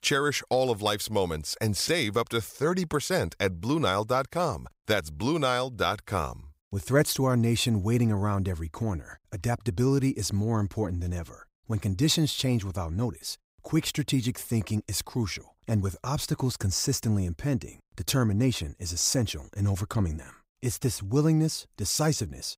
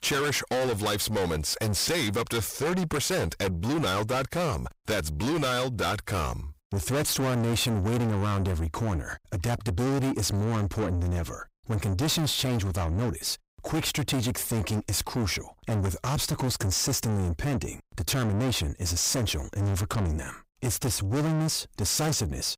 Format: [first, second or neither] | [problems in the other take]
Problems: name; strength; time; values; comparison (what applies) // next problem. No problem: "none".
first | distortion; heavy; 5 dB below the speech